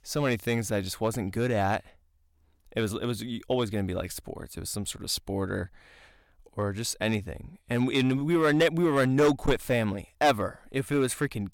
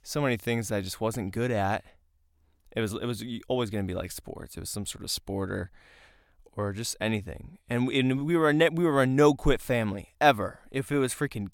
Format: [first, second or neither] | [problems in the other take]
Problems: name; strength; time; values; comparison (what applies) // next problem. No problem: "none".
second | distortion; slight; 2% of the sound clipped